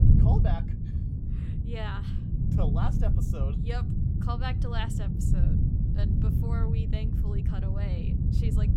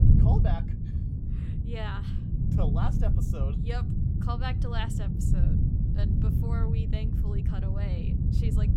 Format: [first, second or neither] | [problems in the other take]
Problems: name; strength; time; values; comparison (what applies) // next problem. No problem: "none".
neither | wind noise on the microphone; heavy; as loud as the speech; the same in both